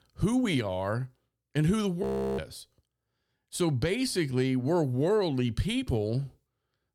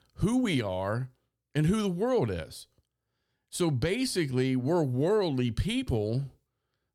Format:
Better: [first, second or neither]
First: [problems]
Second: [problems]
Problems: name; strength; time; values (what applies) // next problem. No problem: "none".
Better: second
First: audio freezing; at 2 s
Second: none